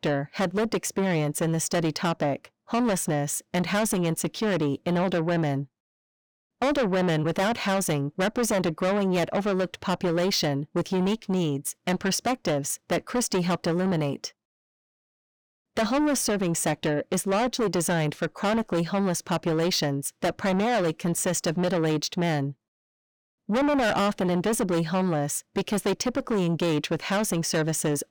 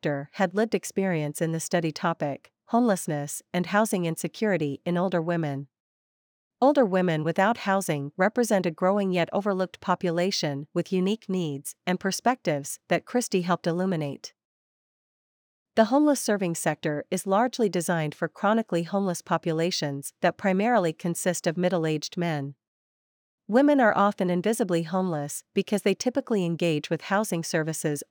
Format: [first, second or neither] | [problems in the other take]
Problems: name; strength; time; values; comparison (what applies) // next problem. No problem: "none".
second | distortion; heavy; 6 dB below the speech